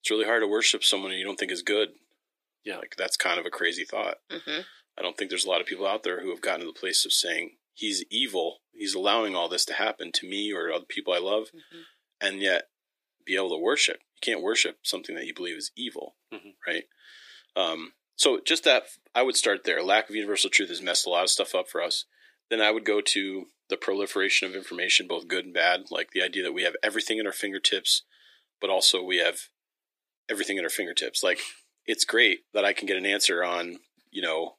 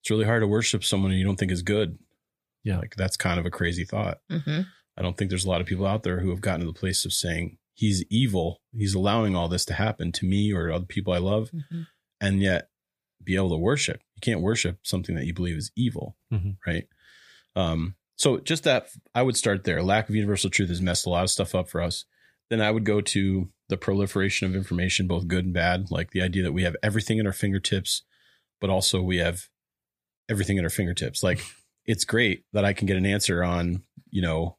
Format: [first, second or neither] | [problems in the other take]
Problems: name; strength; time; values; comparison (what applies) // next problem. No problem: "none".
second | thin; very; fading below 300 Hz